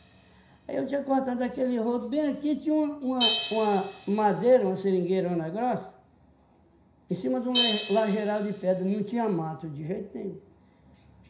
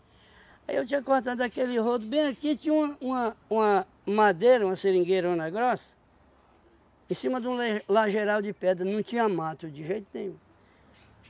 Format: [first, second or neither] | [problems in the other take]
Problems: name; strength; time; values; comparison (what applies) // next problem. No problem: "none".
second | background sound (Crash cymbal); 10 dB below the speech // room echo; dies away in 0.5 s